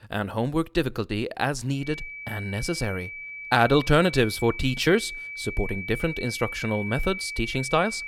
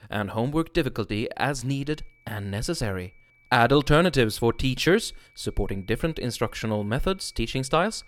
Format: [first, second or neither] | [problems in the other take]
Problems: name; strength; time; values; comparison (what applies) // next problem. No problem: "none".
second | high-pitched whine; loud; from 2 s on; 2.5 kHz, 9 dB below the speech; faint in the second